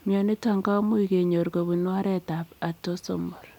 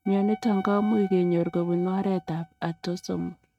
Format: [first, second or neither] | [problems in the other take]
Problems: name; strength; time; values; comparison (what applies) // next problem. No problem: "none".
first | noise reduction (neural mask model RNNoise)